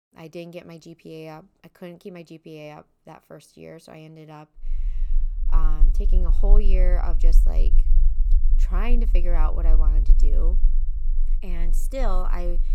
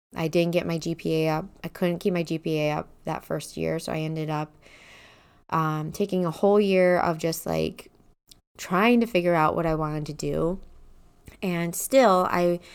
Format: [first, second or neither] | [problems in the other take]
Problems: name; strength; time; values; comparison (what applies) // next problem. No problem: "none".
second | low rumble; noticeable; from 4.5 s on; 15 dB below the speech